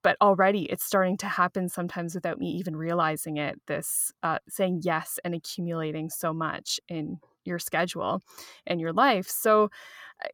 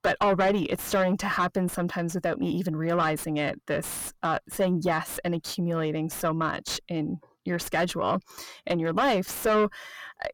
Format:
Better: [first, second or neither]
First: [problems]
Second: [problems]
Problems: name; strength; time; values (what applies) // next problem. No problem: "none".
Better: first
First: none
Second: distortion; heavy; 6 dB below the speech